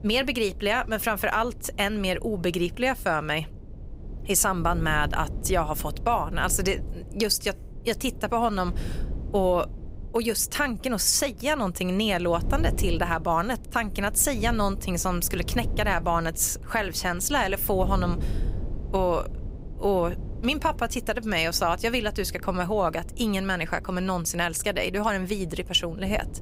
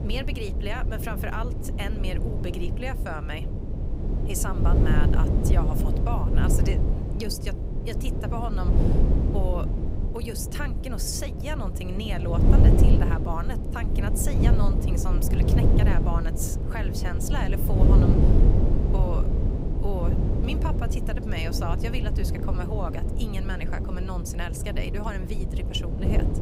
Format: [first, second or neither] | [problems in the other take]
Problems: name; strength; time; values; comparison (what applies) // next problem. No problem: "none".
first | wind noise on the microphone; heavy; 1 dB below the speech; occasional gusts in the first